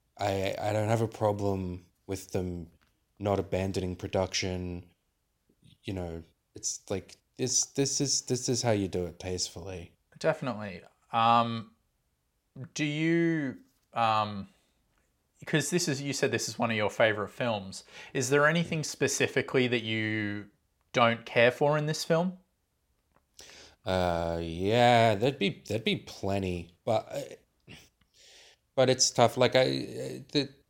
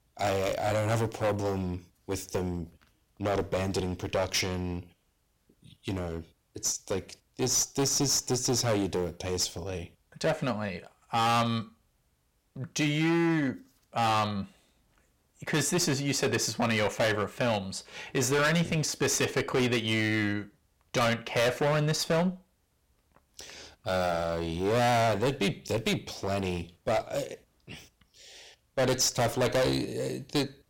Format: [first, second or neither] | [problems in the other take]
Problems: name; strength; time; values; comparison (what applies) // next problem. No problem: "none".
first | distortion; heavy; 12% of the sound clipped